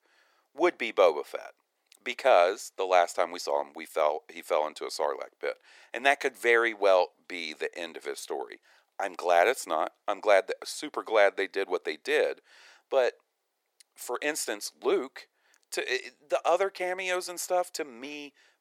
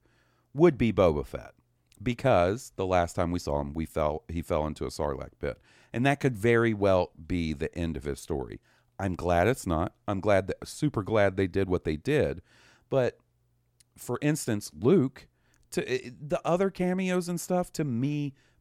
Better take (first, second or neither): second